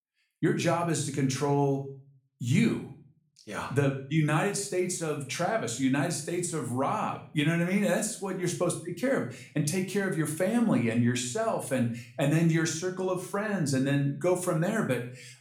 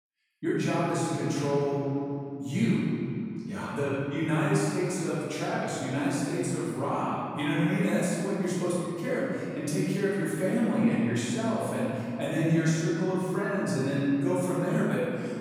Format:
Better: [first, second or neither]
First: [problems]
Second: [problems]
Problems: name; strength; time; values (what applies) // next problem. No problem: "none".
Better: first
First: room echo; slight; dies away in 0.4 s // off-mic speech; somewhat distant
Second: room echo; strong; dies away in 2.7 s // off-mic speech; far